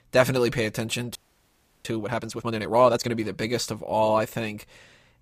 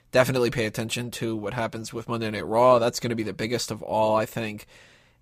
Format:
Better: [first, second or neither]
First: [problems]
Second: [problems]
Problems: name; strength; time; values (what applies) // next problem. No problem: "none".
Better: second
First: audio freezing; at 1 s for 0.5 s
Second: none